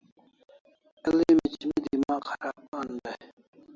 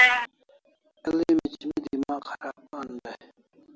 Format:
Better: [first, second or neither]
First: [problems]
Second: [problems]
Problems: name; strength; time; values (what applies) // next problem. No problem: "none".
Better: first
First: none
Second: background sound (Meow); 1 dB above the speech